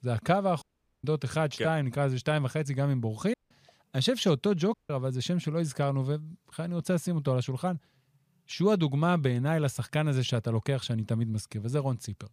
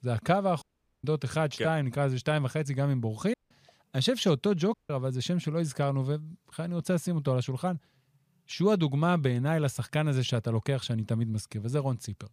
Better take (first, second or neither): neither